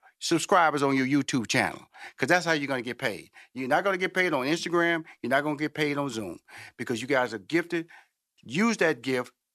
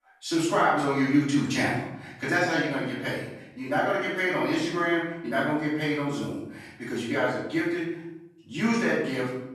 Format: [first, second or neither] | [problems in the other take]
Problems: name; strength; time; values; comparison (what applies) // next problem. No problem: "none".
first | off-mic speech; far // room echo; noticeable; dies away in 1 s